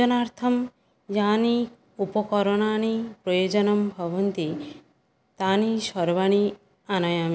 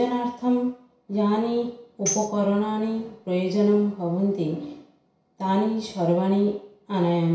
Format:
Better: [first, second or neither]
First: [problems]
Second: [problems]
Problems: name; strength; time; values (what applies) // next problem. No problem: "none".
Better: first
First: none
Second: background sound (Tambourine); 10 dB below the speech // room echo; dies away in 0.6 s